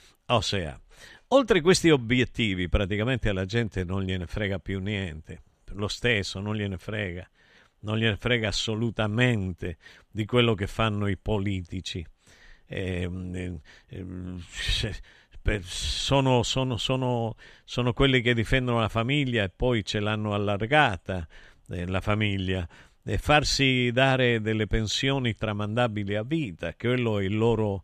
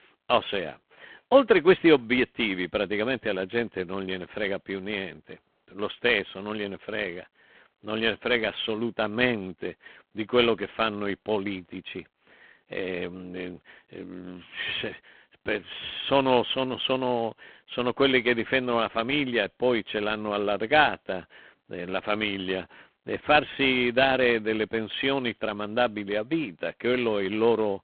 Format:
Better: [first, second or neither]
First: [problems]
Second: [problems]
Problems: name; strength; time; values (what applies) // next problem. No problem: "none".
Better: first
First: none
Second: phone-call audio; poor line